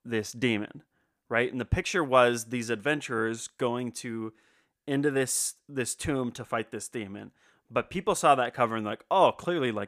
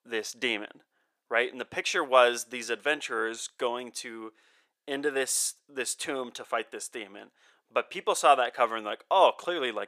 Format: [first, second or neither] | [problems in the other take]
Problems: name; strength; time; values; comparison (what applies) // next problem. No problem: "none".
first | thin; somewhat; fading below 500 Hz